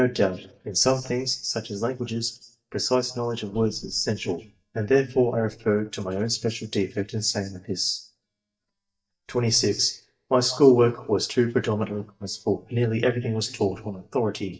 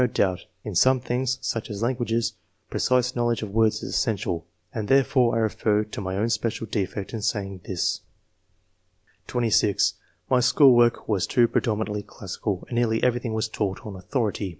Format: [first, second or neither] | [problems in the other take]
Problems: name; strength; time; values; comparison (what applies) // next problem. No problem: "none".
second | noise reduction (neural mask model DeepFilterNet 3)